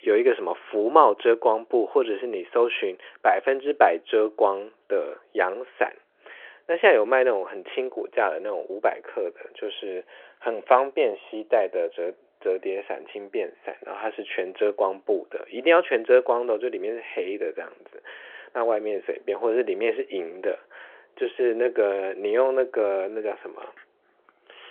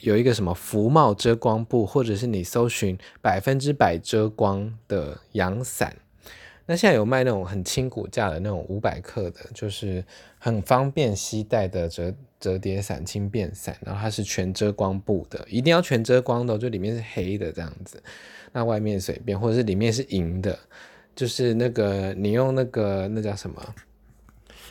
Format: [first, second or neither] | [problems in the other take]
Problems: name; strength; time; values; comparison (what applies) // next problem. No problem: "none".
second | phone-call audio